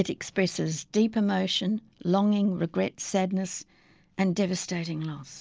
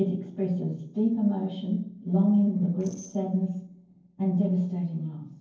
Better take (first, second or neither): first